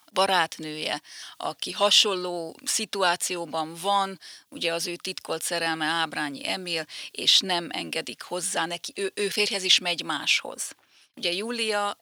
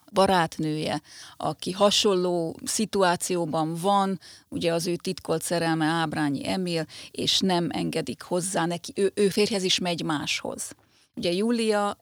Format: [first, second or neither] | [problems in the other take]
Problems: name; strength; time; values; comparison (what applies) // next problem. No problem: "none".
second | thin; somewhat; fading below 800 Hz